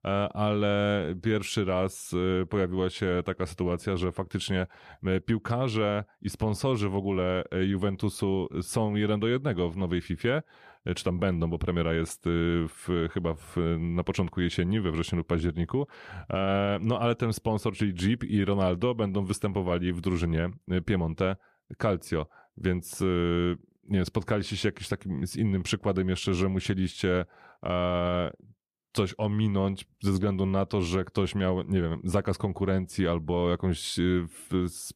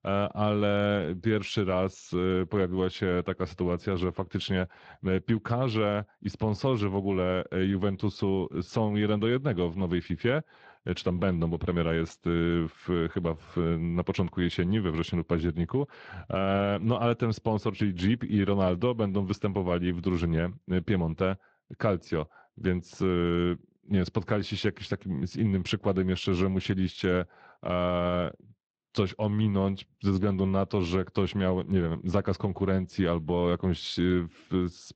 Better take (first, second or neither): first